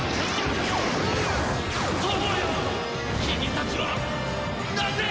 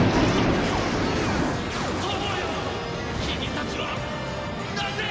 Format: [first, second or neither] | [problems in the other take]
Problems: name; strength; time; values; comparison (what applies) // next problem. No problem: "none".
first | background sound (Thunder); as loud as the speech